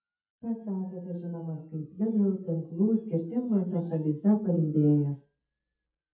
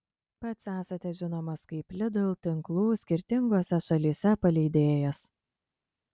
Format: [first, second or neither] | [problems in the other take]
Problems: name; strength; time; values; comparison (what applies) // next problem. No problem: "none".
second | noise reduction (neural mask model DeepFilterNet 3)